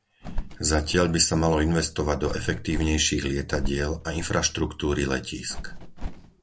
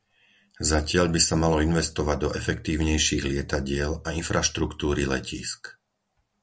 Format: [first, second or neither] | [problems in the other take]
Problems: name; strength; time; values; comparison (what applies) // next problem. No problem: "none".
second | background sound (Bird); 9 dB below the speech